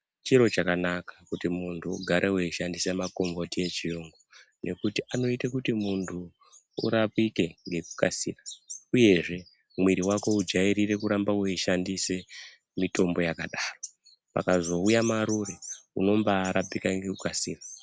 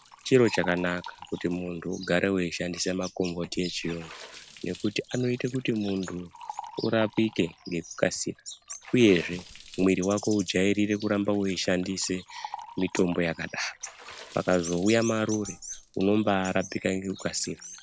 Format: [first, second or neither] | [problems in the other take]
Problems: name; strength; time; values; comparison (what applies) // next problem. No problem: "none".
first | background sound (Water / Splash, splatter + Liquid); 20 dB below the speech